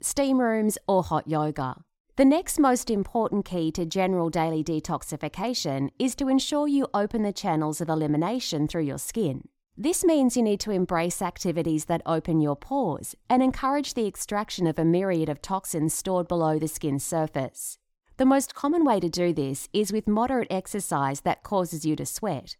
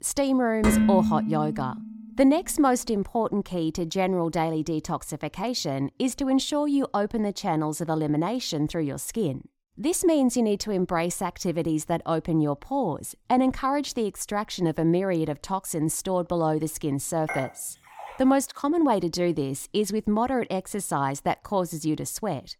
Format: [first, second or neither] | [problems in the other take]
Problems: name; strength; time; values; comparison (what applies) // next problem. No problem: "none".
first | clattering dishes; loud; from 0.5 to 2 s; peak 5 dB above the speech // clattering dishes; noticeable; at 17 s; peak 8 dB below the speech